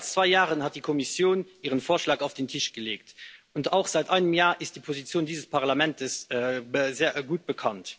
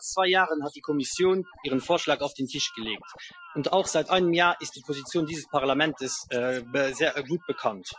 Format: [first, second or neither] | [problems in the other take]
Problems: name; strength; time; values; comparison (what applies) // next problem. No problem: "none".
first | noise reduction (classical method Wiener filter)